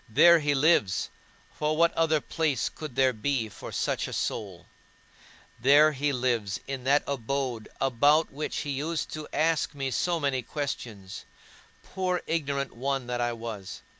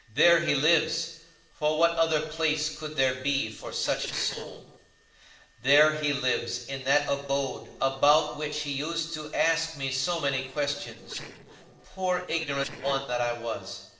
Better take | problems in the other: first | noise reduction (neural separator model SepFormer DNS4)

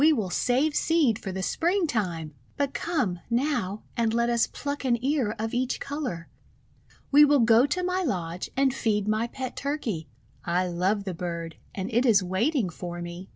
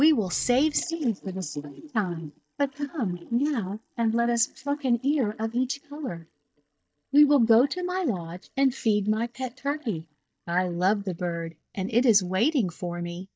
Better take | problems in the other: first | noise reduction (neural mask model DeepFilterNet 3)

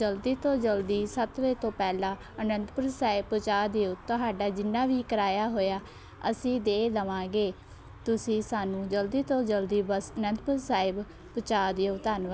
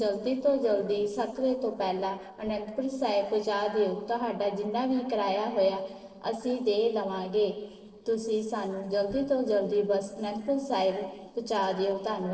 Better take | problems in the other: first | noise reduction (neural separator model SepFormer DNS4)

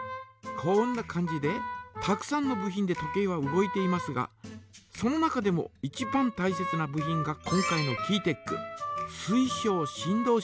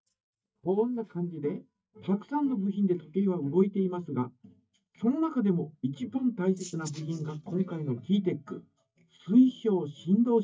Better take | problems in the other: first | noise reduction (neural mask model DeepFilterNet 3)

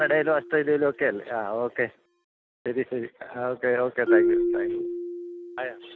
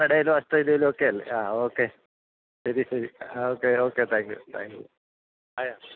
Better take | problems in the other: second | background sound (Marimba, xylophone); 2 dB below the speech

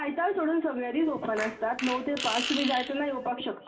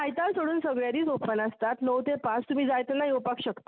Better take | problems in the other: second | background sound (Fart); 7 dB below the speech // room echo; dies away in 2.6 s

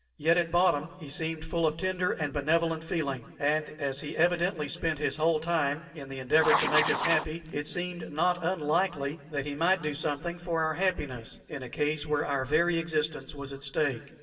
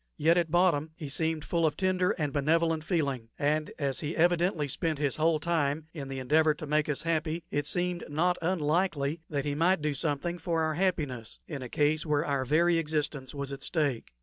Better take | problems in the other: second | background sound (Writing); 2 dB below the speech // room echo; dies away in 1.1 s

